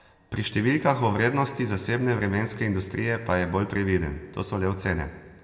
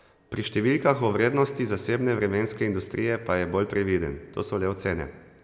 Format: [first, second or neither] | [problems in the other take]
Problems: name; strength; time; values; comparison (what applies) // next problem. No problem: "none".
second | room echo; dies away in 1.1 s